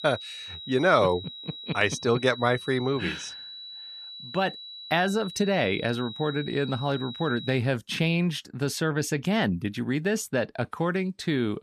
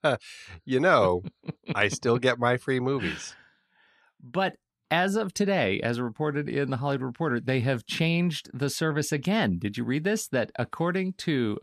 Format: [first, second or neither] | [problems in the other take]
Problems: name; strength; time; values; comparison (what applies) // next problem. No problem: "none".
second | high-pitched whine; noticeable; until 7.5 s; 4 kHz, 10 dB below the speech